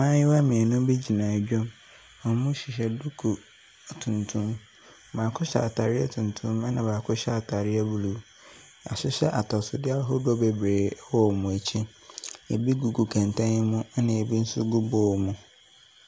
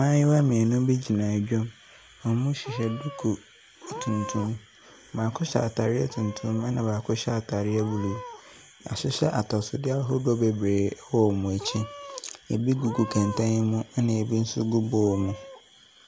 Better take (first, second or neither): first